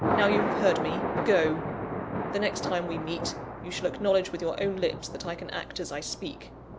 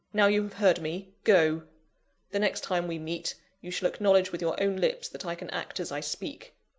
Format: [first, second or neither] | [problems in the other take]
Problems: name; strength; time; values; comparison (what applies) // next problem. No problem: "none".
second | background sound (Thunder); 3 dB below the speech